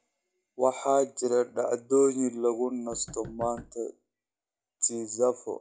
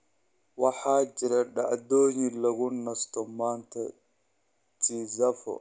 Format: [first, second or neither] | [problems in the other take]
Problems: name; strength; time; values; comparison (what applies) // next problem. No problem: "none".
second | noise reduction (classical method log-MMSE)